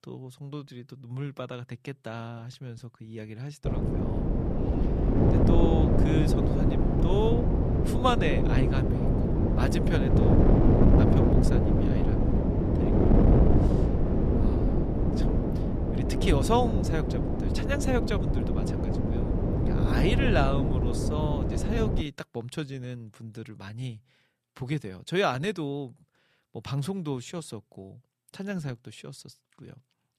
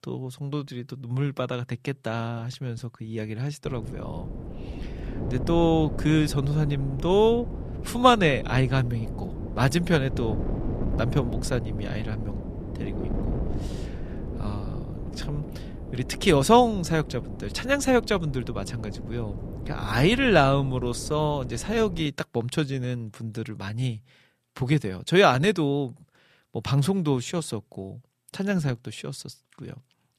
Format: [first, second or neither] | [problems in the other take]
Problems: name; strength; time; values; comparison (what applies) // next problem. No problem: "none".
second | wind noise on the microphone; heavy; from 3.5 to 22 s; 1 dB above the speech; occasional gusts in the second